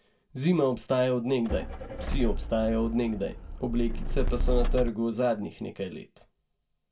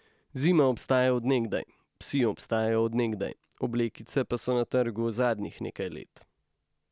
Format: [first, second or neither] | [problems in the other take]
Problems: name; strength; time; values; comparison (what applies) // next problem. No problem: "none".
second | background sound (Motor vehicle (road)); as loud as the speech // room echo; dies away in 0.2 s